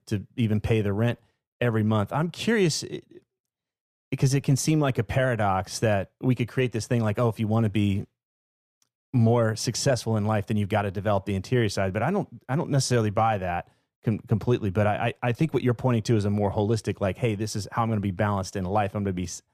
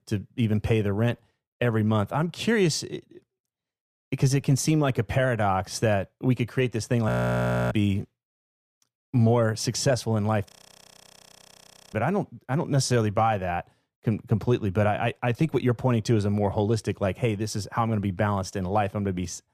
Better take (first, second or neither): first